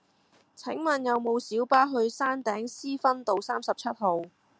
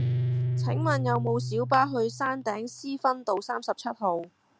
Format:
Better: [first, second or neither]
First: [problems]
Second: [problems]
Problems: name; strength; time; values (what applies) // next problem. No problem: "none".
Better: first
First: none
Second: background sound (Guitar); 3 dB below the speech